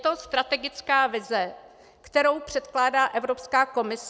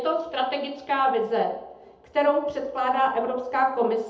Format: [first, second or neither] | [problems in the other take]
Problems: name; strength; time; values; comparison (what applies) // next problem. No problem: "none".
first | room echo; dies away in 0.7 s